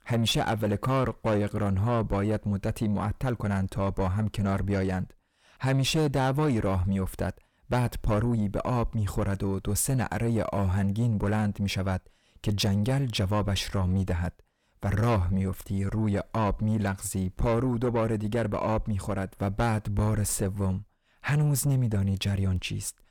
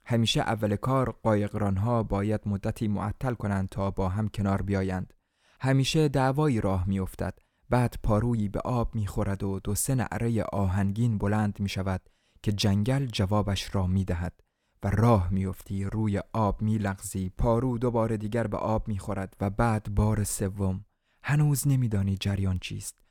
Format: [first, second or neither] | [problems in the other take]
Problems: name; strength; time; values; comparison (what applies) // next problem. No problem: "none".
second | distortion; slight; 10 dB below the speech